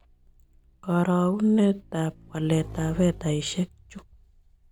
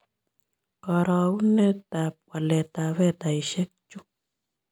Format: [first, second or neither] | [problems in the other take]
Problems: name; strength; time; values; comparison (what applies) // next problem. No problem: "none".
second | background sound (Motorcycle / Engine); 19 dB below the speech